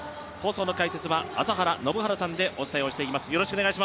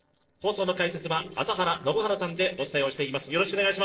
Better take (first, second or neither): first